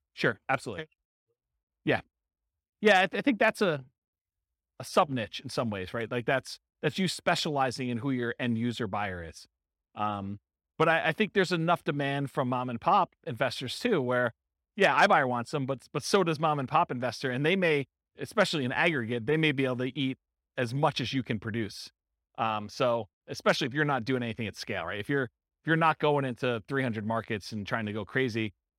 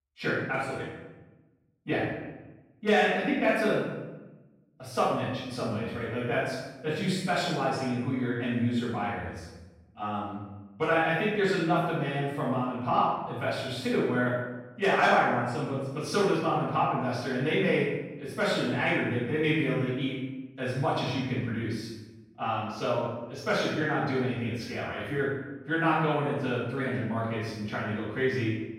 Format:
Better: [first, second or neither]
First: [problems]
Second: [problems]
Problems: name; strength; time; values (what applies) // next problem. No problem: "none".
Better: first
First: none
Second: room echo; strong; dies away in 0.9 s // off-mic speech; far